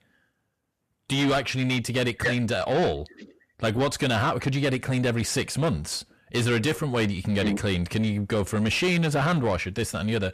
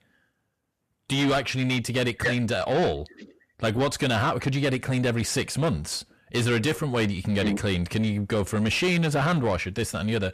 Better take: neither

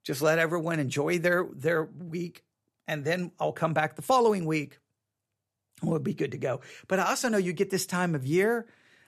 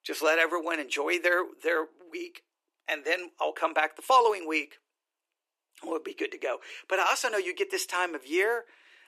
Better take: first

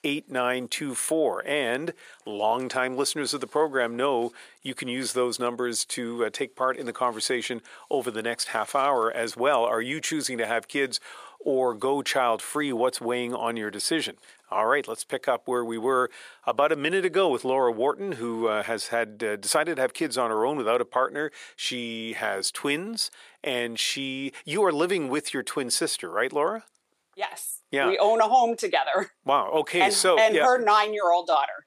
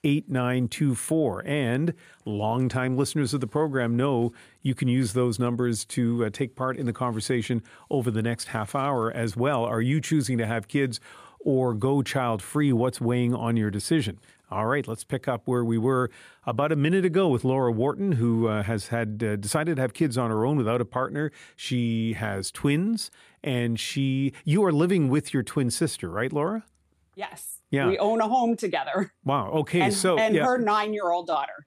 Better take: second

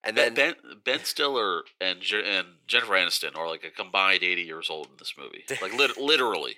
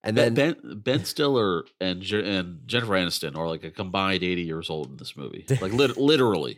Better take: second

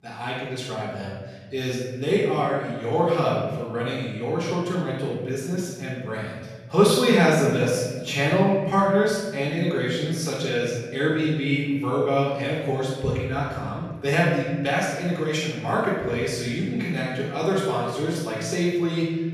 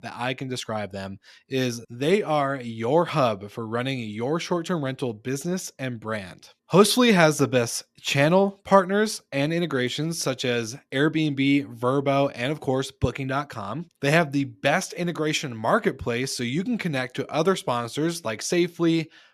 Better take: second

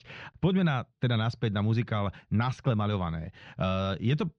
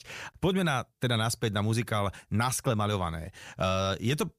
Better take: second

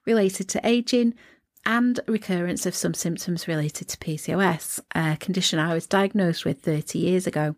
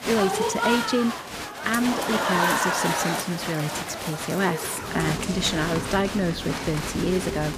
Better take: first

